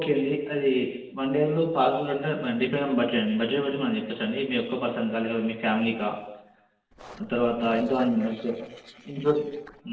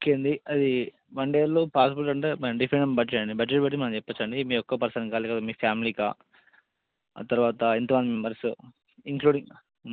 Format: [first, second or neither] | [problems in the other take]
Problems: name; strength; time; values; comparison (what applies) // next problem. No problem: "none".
second | noise reduction (neural separator model SepFormer DNS4)